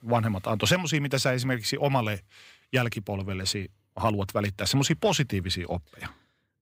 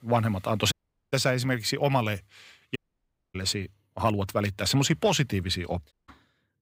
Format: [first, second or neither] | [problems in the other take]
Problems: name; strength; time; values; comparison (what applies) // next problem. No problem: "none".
first | audio cutting out; at 0.5 s, at 3 s for 0.5 s and at 6 s